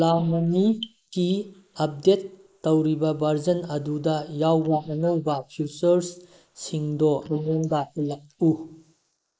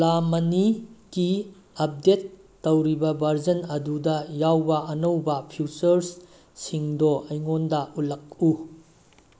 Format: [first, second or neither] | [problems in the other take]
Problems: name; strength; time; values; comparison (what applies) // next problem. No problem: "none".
second | noise reduction (neural mask model Resemble Enhance denoiser)